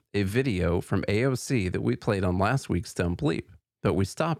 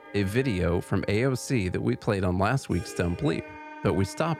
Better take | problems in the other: first | background music; noticeable; throughout; 15 dB below the speech

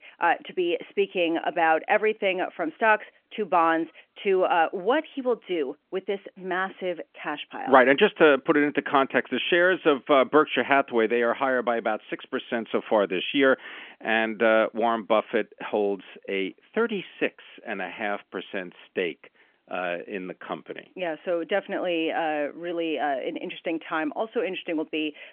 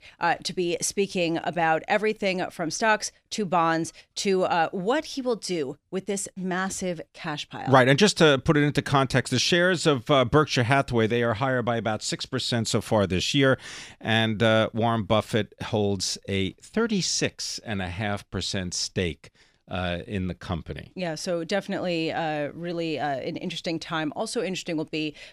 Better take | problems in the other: second | phone-call audio; nothing above 3.5 kHz

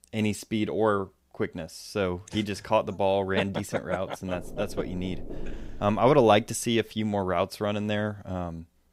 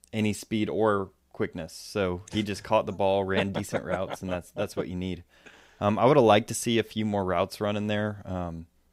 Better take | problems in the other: second | door banging; faint; from 4.5 to 6.5 s; peak 15 dB below the speech

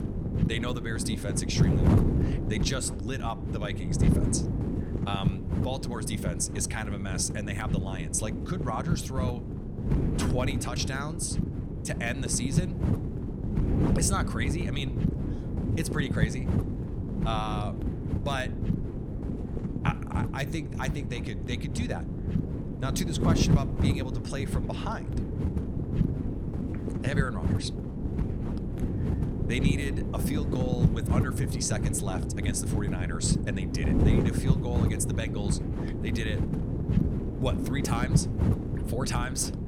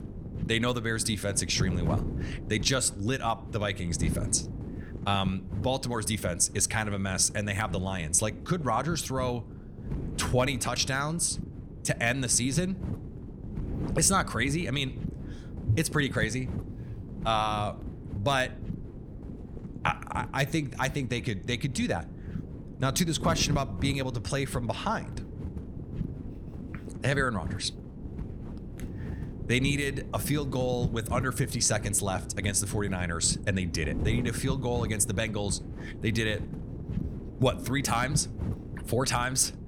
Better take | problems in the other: second | wind noise on the microphone; heavy; 3 dB below the speech; occasional gusts in the second

